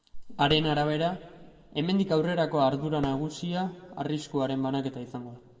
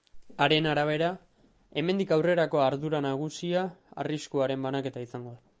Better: second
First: background sound (Fireworks); 19 dB below the speech // room echo; dies away in 1.4 s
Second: none

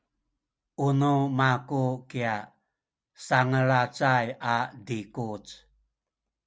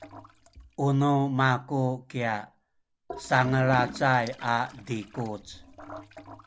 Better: first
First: none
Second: background sound (Toilet flush / Gurgling); 16 dB below the speech

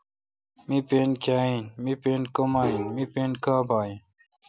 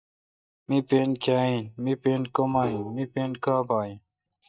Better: first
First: none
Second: noise reduction (neural mask model DeepFilterNet 3)

